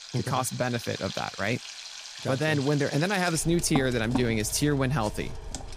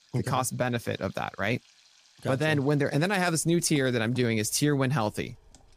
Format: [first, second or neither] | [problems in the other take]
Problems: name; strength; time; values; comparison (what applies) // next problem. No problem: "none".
second | household noises; loud; throughout; 10 dB below the speech; faint in the second